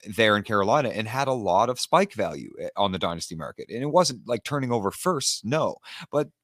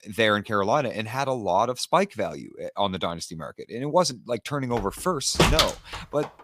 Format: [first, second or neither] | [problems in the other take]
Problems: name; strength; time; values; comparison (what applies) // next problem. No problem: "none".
first | door banging; loud; from 5 s on; peak 6 dB above the speech